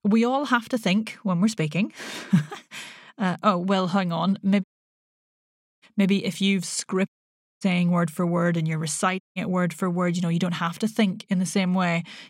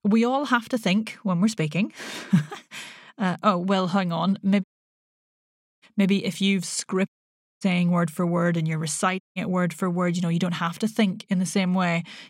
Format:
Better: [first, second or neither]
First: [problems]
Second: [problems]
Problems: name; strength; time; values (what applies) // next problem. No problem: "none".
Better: neither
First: audio cutting out; at 4.5 s for 1 s, at 7 s for 0.5 s and at 9 s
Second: audio cutting out; at 4.5 s for 1 s, at 7 s for 0.5 s and at 9 s